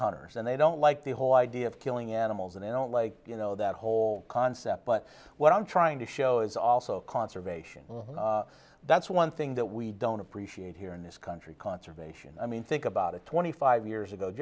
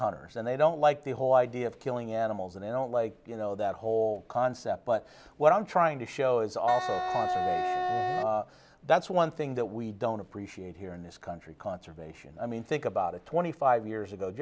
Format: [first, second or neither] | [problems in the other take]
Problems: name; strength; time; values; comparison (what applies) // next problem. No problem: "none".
first | background sound (Wind instrument, woodwind instrument); 1 dB below the speech